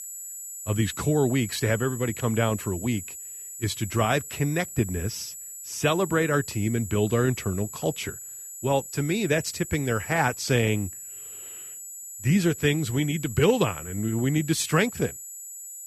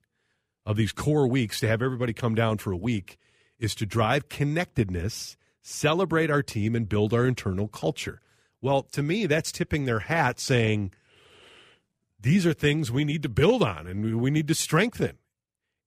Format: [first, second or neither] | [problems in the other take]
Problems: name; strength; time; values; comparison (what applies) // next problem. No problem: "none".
second | high-pitched whine; noticeable; throughout; 8 kHz, 10 dB below the speech